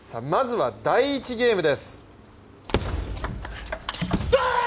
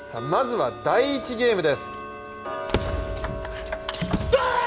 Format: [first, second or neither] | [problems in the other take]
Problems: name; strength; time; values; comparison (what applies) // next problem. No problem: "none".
first | background sound (Tick-tock); 9 dB below the speech